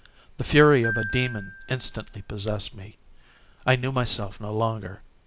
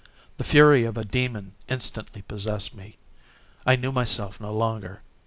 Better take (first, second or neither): second